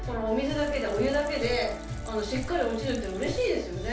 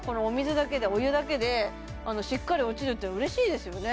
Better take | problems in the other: second | background sound (Liquid); 19 dB below the speech // room echo; dies away in 0.3 s

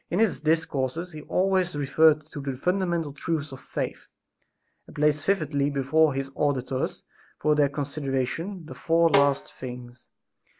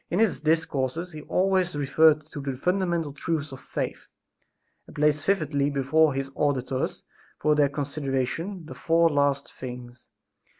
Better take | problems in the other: second | background sound (Snare drum); 5 dB below the speech

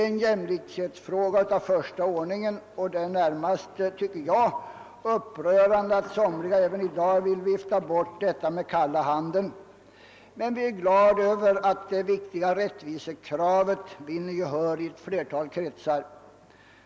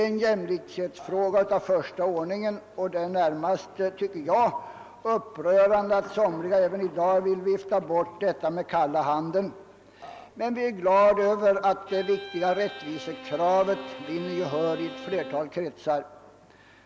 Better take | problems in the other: first | background sound (Bowed string instrument + Burping, eructation); 14 dB below the speech

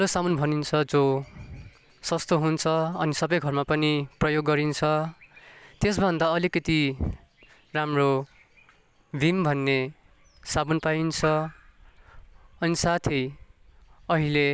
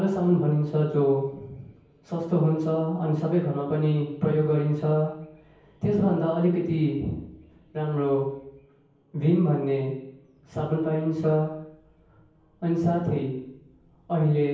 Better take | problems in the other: first | room echo; dies away in 0.9 s

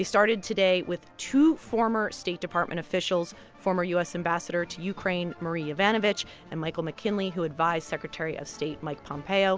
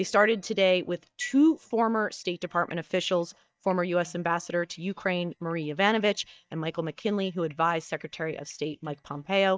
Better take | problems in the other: first | noise reduction (neural mask model DeepFilterNet 3)

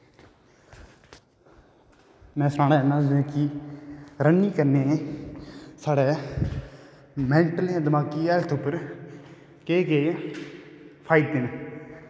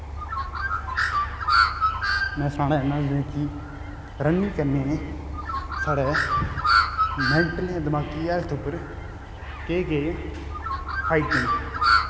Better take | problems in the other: first | background sound (Bird); 2 dB above the speech

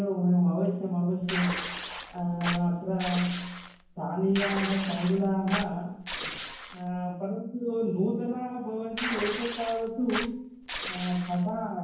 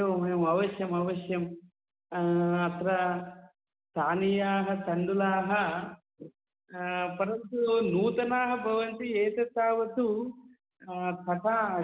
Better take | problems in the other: second | background sound (Tearing); 8 dB below the speech // room echo; dies away in 0.9 s

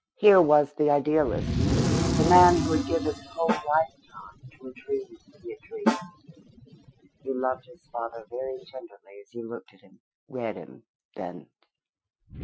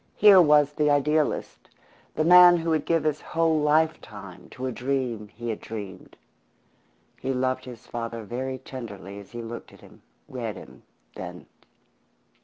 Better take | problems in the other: second | noise reduction (classical method Wiener filter)

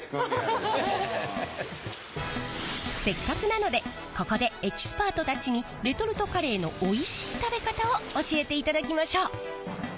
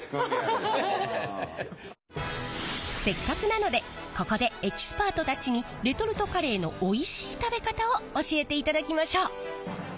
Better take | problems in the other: second | background sound (Keyboard (musical) + Bathtub (filling or washing)); 13 dB below the speech

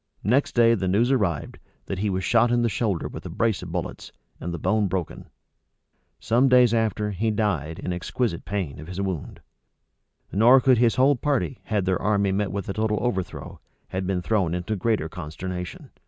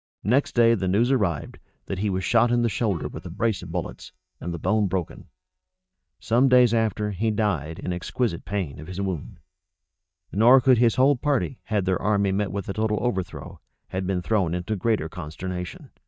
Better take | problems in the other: first | noise reduction (neural mask model DeepFilterNet 3)

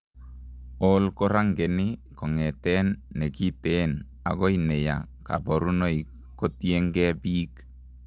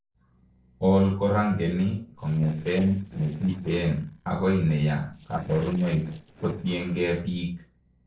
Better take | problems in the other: first | noise reduction (neural separator model SepFormer DNS4)

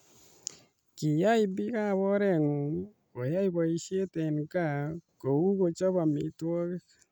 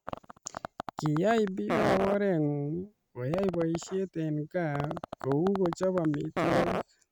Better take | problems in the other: first | noise reduction (neural mask model RNNoise)

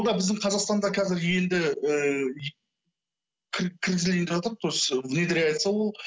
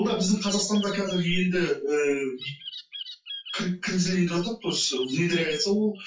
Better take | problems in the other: first | noise reduction (classical method WPE with log-MMSE)

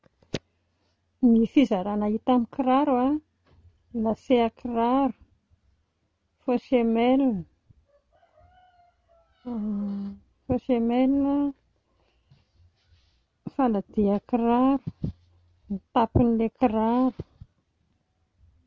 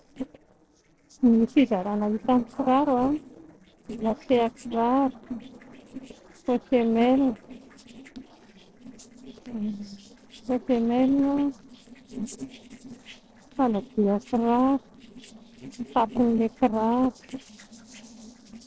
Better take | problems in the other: first | noise reduction (neural separator model SepFormer DNS4)

